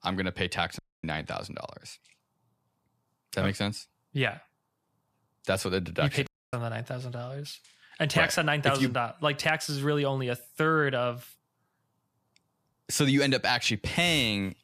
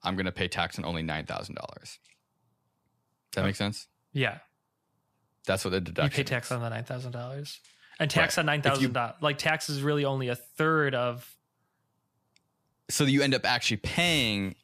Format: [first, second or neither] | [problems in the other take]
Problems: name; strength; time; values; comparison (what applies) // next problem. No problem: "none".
second | audio cutting out; at 1 s and at 6.5 s